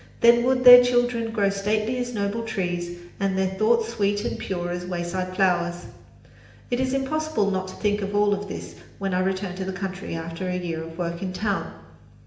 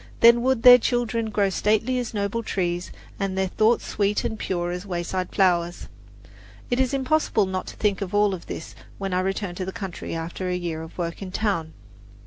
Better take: second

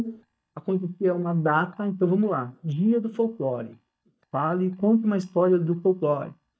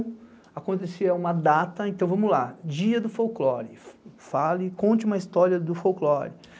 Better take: second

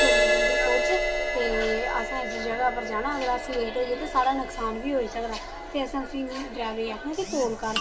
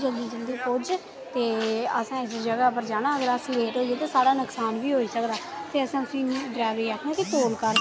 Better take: second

